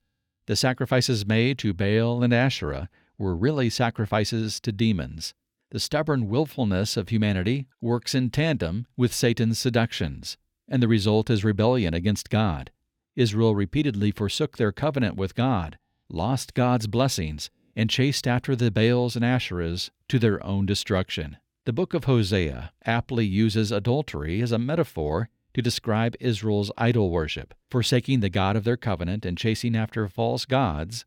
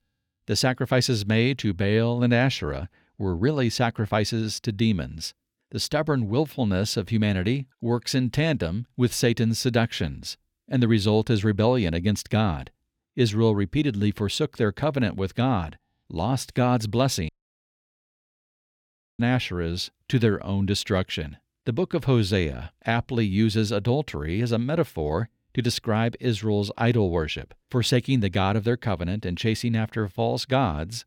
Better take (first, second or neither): first